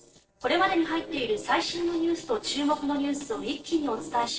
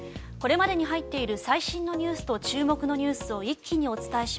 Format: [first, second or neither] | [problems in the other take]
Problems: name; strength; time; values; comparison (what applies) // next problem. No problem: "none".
second | noise reduction (neural separator model SepFormer DNS4)